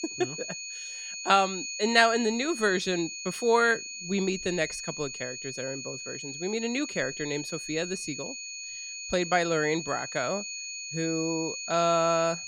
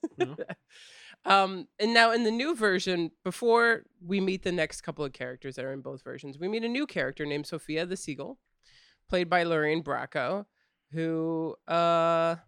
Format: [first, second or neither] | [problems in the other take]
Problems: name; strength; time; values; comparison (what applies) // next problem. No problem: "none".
second | high-pitched whine; loud; throughout; 2.5 kHz, 7 dB below the speech